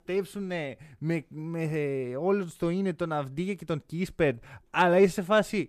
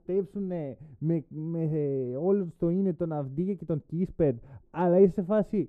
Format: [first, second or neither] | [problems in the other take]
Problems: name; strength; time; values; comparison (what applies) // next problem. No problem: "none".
first | muffled; very; fading above 1 kHz